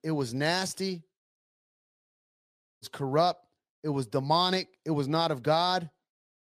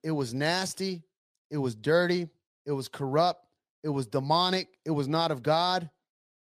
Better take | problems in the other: second | audio cutting out; at 1.5 s for 1.5 s

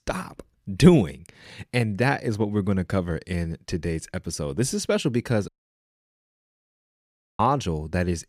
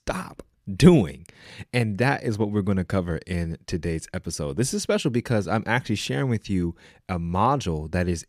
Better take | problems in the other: second | audio cutting out; at 5.5 s for 2 s

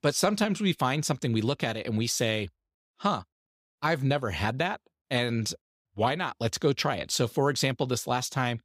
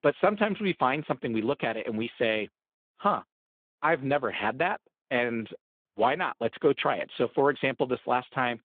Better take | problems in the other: first | phone-call audio; nothing above 3.5 kHz

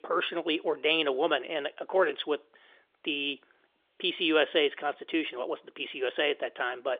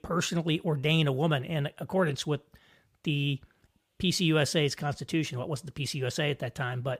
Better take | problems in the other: second | phone-call audio; nothing above 3.5 kHz

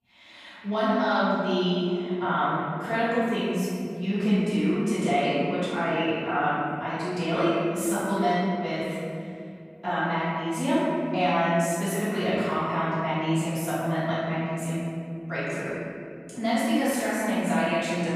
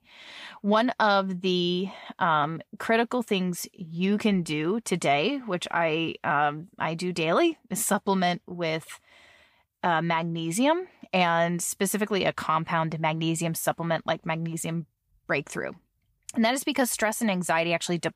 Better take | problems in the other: second | off-mic speech; far // room echo; strong; dies away in 2.6 s

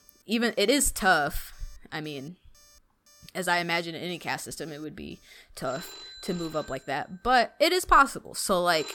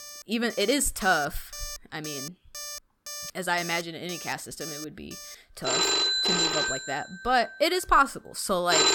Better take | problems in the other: first | alarms or sirens; loud; throughout; 1 dB below the speech; faint in the first

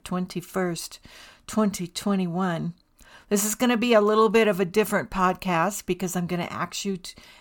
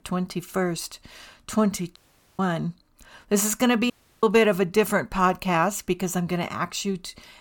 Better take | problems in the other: first | audio cutting out; at 2 s and at 4 s

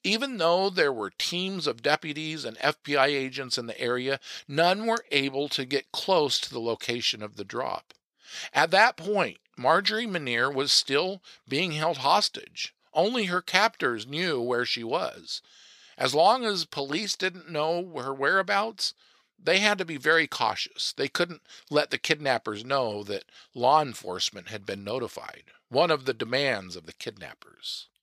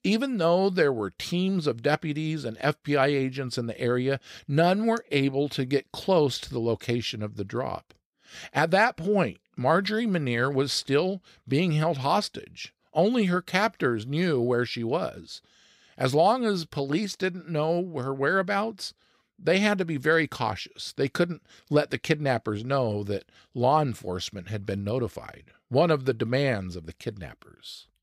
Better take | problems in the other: second | thin; somewhat; fading below 1 kHz

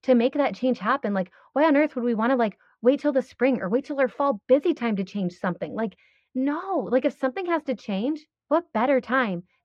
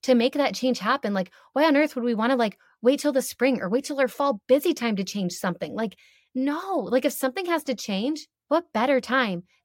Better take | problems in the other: second | muffled; slightly; fading above 2 kHz

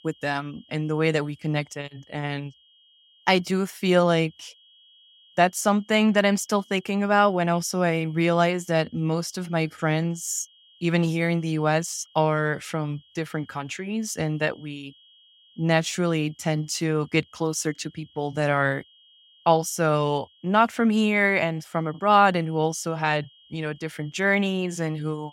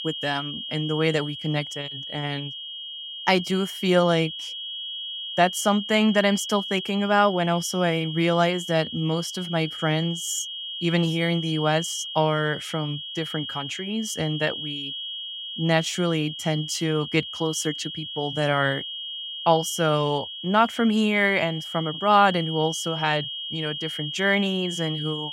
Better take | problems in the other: first | high-pitched whine; loud; throughout; 3 kHz, 7 dB below the speech; faint in the first

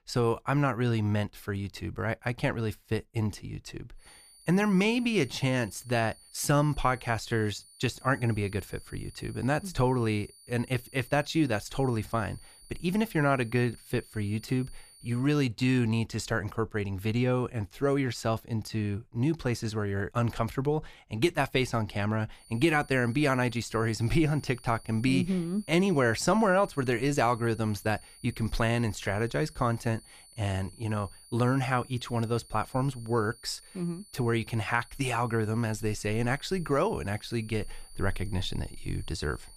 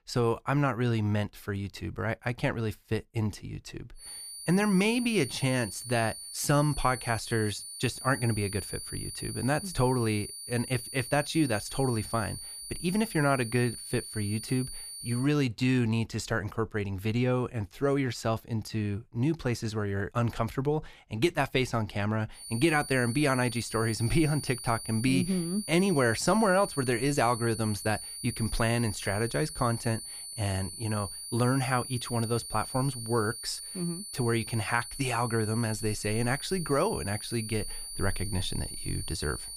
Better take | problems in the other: first | high-pitched whine; loud; from 4 to 15 s and from 22 s on; 9.5 kHz, 9 dB below the speech; faint in the first

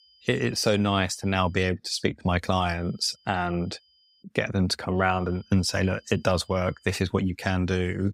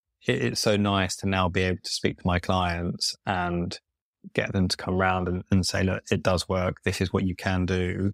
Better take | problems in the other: second | high-pitched whine; faint; until 1.5 s, from 2.5 to 4 s and from 5 to 7 s; 5 kHz, 35 dB below the speech

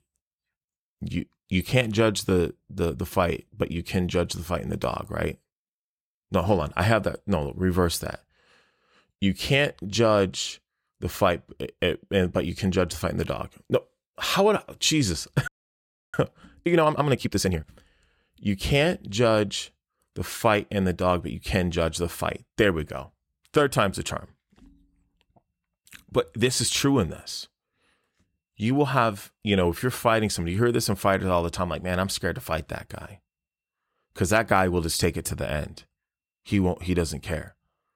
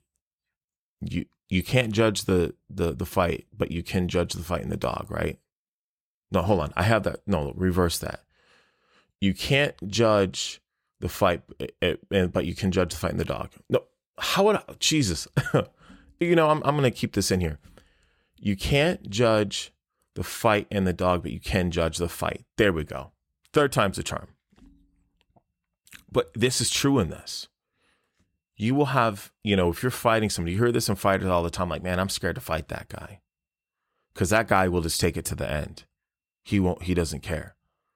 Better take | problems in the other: second | audio freezing; at 15 s for 0.5 s

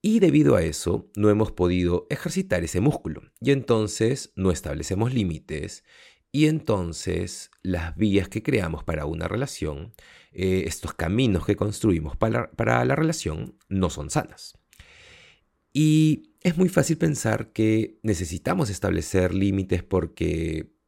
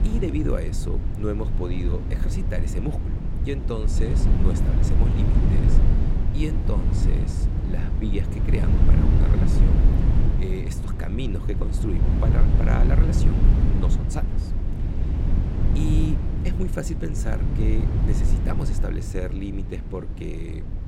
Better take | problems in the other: first | low rumble; loud; throughout; 1 dB below the speech

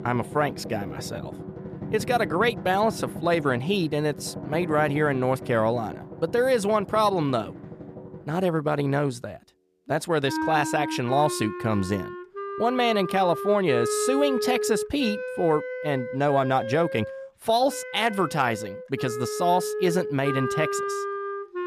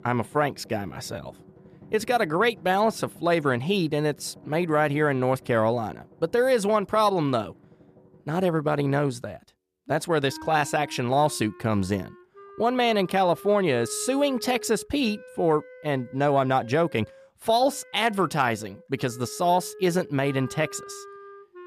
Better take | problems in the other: second | background music; loud; throughout; 8 dB below the speech; faint in the second

